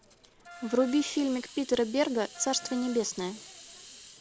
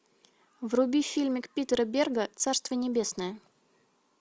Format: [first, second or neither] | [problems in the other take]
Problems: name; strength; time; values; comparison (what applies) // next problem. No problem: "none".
second | background sound (Wind instrument, woodwind instrument + Hiss); 17 dB below the speech